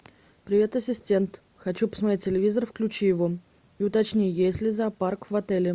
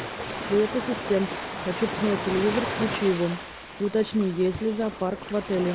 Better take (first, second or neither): first